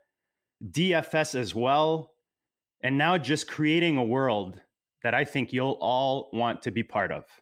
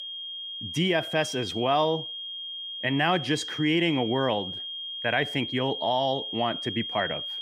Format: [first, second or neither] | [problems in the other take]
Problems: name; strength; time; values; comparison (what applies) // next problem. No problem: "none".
first | high-pitched whine; loud; throughout; 3 kHz, 6 dB below the speech